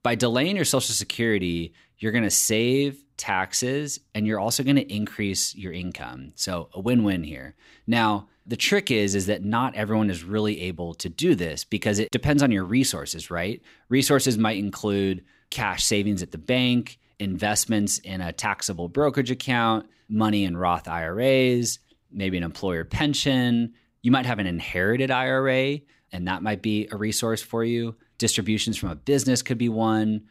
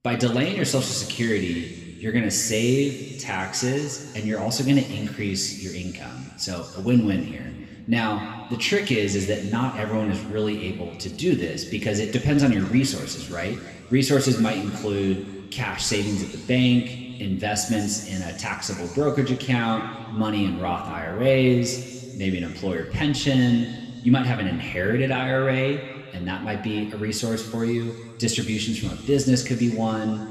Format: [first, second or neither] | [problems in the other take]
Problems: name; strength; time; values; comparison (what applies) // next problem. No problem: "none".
first | room echo; noticeable; dies away in 2.4 s // off-mic speech; somewhat distant